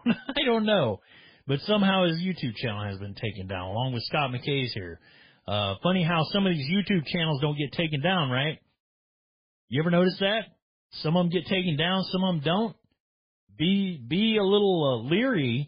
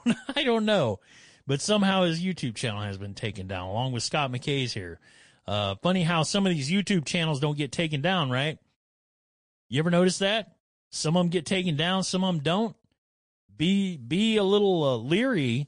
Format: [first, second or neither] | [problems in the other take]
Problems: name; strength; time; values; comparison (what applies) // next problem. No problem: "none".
second | garbled, watery; badly; nothing above 5 kHz; slightly in the second